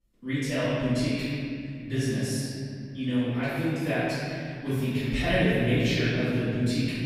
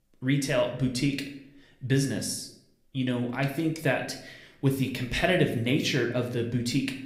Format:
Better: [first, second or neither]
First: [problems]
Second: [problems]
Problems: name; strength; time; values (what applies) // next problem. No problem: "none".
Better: second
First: room echo; strong; dies away in 2.7 s // off-mic speech; far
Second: room echo; slight; dies away in 0.5 s